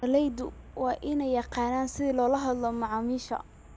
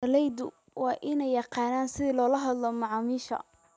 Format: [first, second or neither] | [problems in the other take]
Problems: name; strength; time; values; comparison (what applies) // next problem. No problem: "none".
second | background sound (Traffic noise, roadway noise); 19 dB below the speech